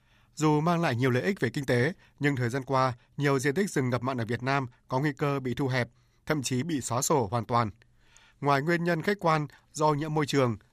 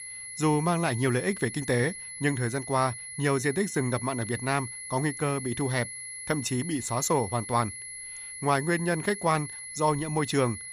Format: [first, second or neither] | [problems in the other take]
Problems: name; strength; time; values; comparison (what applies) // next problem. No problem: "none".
first | high-pitched whine; loud; throughout; 10.5 kHz, 9 dB below the speech